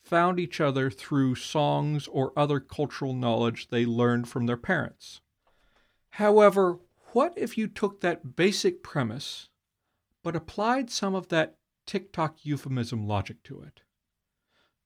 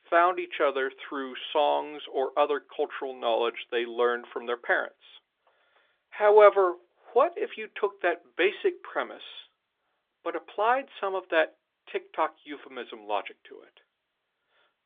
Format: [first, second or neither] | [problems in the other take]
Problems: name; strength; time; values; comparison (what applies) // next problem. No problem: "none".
first | phone-call audio; nothing above 3.5 kHz